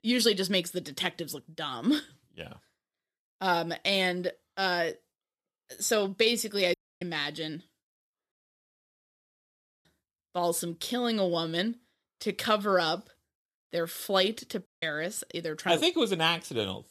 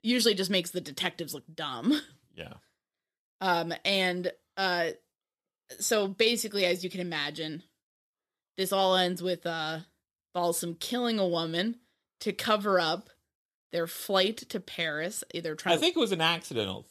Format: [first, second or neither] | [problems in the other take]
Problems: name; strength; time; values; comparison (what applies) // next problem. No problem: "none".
second | audio cutting out; at 6.5 s, at 8.5 s for 1.5 s and at 15 s